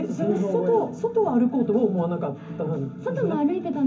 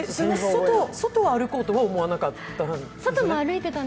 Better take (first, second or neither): second